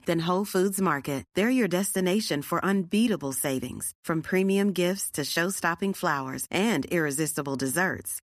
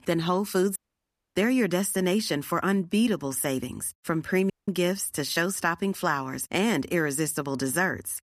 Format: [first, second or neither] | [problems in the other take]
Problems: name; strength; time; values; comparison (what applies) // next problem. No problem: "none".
first | audio cutting out; at 1 s for 0.5 s and at 4.5 s